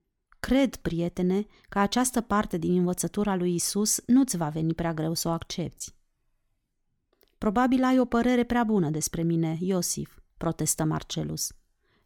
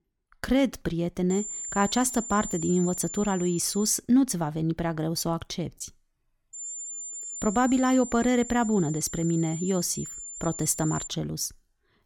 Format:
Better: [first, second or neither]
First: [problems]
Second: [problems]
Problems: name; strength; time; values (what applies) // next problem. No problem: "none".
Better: first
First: none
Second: high-pitched whine; loud; from 1.5 to 4 s and from 6.5 to 11 s; 7 kHz, 9 dB below the speech